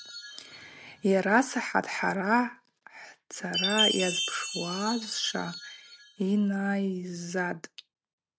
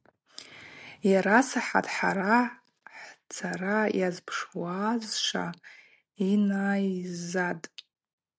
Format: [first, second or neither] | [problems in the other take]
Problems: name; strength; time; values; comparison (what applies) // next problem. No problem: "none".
second | background sound (Chime); 7 dB below the speech